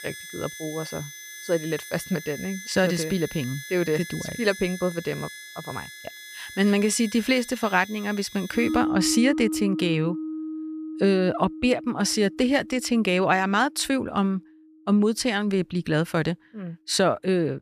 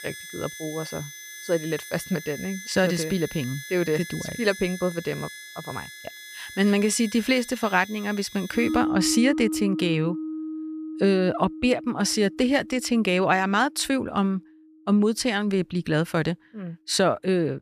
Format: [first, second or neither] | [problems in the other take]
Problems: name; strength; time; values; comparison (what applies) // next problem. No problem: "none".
neither | background music; loud; throughout; 10 dB below the speech; the same in both